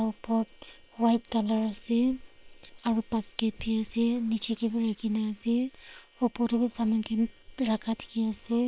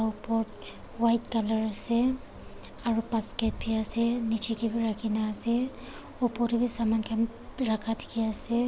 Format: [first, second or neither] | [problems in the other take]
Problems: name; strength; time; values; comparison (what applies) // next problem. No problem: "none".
second | noise reduction (neural separator model SepFormer WHAM!)